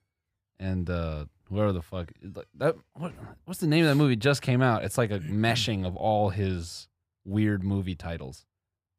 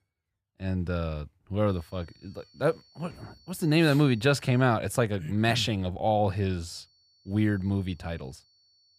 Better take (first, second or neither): first